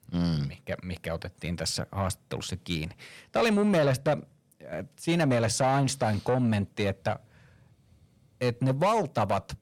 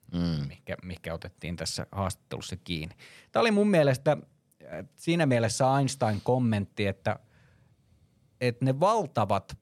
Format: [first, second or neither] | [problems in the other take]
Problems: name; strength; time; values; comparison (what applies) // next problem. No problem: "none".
second | distortion; slight; 10 dB below the speech